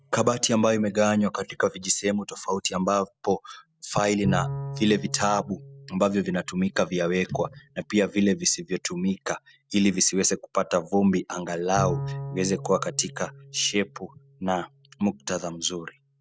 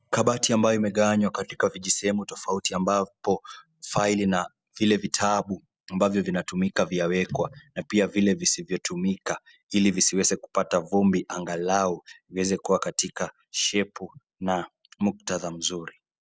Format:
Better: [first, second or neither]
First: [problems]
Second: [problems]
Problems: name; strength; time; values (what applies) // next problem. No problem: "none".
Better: second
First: background sound (Bowed string instrument); 14 dB below the speech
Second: none